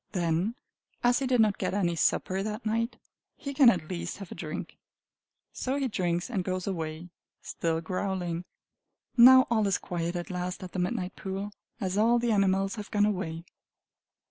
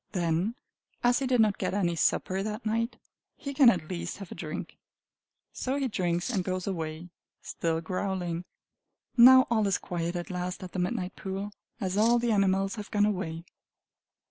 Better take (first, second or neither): first